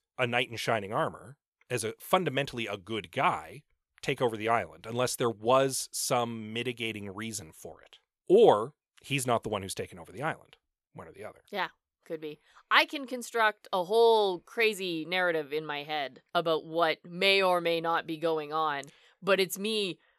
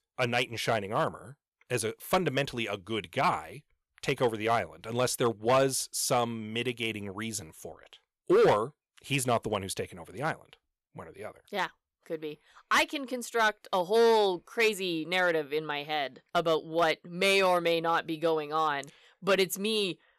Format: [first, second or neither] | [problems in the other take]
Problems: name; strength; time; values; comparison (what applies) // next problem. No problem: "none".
first | distortion; slight; 2% of the sound clipped